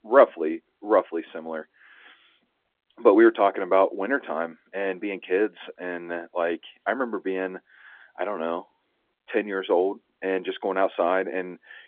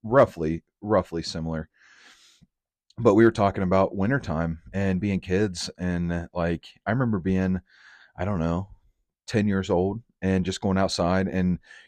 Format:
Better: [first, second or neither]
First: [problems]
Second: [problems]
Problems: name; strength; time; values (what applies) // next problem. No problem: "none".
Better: second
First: phone-call audio; nothing above 3.5 kHz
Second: none